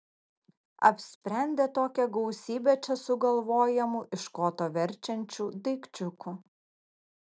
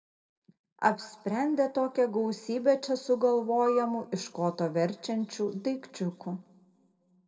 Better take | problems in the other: first | background sound (Telephone); 13 dB below the speech // room echo; dies away in 0.8 s

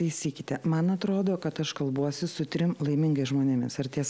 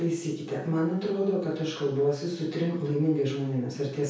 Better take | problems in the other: first | room echo; dies away in 0.6 s

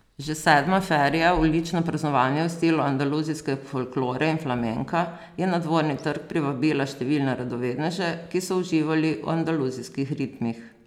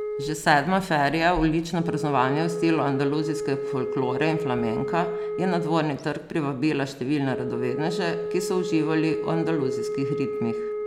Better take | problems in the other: first | background sound (Wind instrument, woodwind instrument); 5 dB below the speech

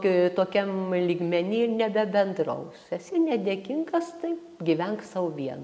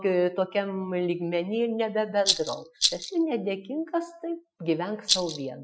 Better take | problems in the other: first | noise reduction (classical method Wiener filter)

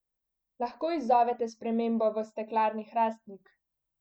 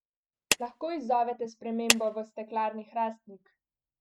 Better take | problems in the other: first | noise reduction (neural mask model RNNoise)

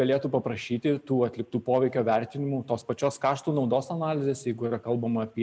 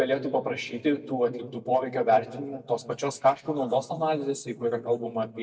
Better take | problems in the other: first | noise reduction (neural mask model DeepFilterNet 3)

